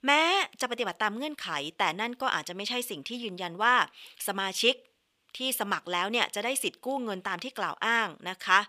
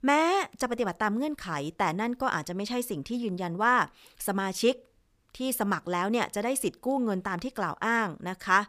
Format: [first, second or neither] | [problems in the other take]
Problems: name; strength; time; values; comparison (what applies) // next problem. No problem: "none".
second | thin; very slightly; fading below 500 Hz